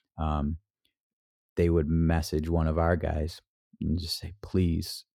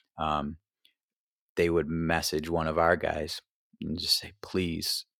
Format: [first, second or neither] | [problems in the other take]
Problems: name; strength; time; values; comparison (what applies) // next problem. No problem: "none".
first | thin; somewhat; fading below 650 Hz